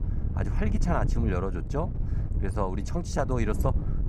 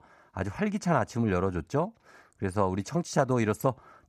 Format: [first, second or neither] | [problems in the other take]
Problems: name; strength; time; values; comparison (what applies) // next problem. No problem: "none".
second | wind noise on the microphone; occasional gusts; 10 dB below the speech